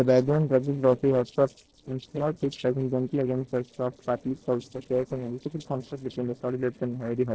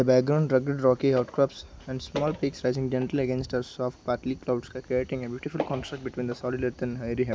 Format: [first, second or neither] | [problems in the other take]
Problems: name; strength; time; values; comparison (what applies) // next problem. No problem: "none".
second | noise reduction (neural separator model SepFormer DNS4)